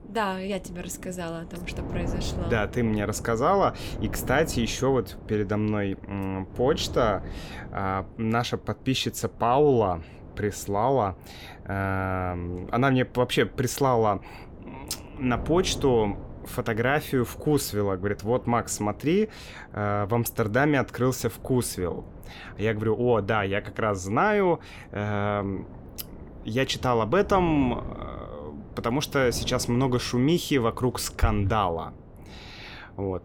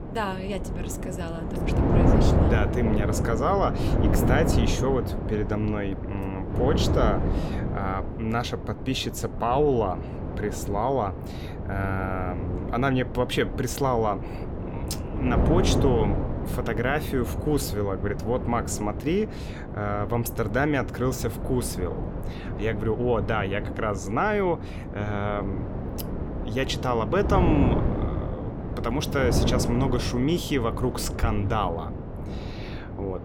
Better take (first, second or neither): first